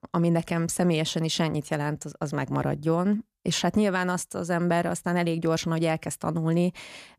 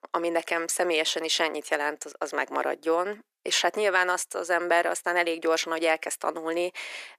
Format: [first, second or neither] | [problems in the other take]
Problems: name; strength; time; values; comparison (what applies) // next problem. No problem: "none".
first | thin; very; fading below 350 Hz